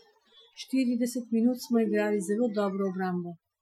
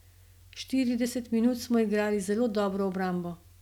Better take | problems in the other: second | noise reduction (classical method Wiener filter)

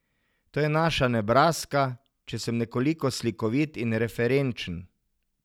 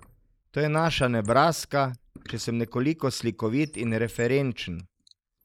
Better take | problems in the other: first | noise reduction (neural mask model Resemble Enhance denoiser)

